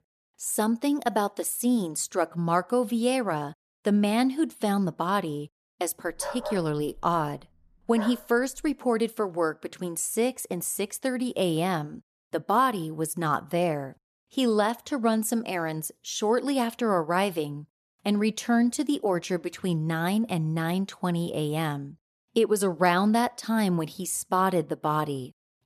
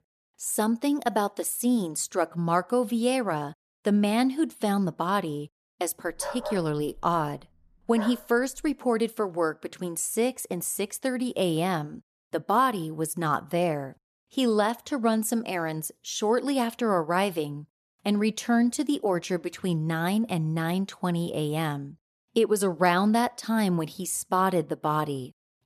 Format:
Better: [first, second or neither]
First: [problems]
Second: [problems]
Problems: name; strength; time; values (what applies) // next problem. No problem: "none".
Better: neither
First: dog barking; noticeable; from 6 to 8.5 s; peak 8 dB below the speech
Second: dog barking; noticeable; from 6 to 8.5 s; peak 8 dB below the speech